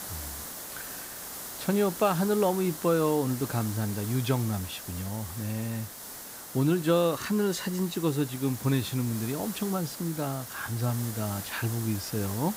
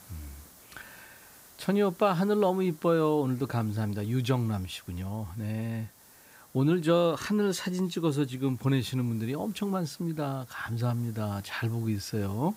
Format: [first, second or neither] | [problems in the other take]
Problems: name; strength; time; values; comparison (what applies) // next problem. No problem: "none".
second | hiss; loud; throughout; 9 dB below the speech; faint in the second